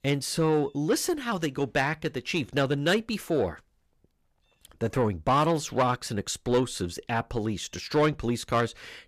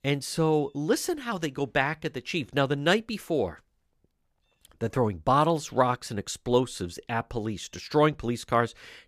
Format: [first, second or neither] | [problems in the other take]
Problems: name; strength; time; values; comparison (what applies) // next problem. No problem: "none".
second | distortion; slight; 10 dB below the speech